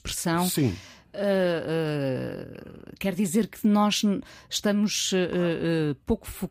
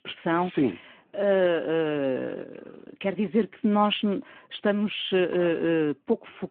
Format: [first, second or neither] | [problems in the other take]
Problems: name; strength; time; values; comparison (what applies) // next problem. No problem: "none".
first | phone-call audio; nothing above 3.5 kHz